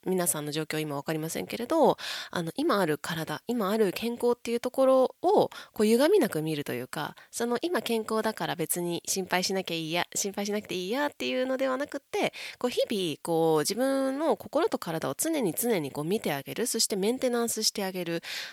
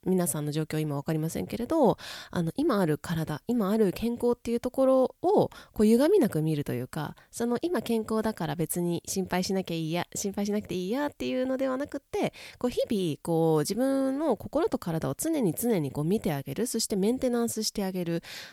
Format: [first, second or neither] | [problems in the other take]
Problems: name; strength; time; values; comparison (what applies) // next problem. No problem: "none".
second | thin; very slightly; fading below 850 Hz